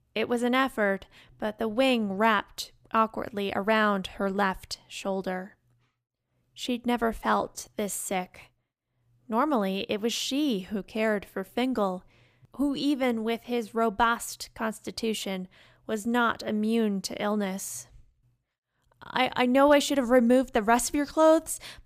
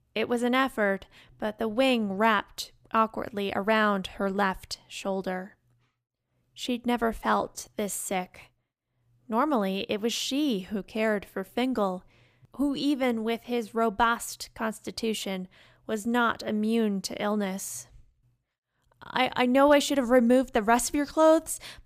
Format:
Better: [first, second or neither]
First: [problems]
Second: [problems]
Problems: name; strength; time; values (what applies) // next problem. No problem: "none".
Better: neither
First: none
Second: none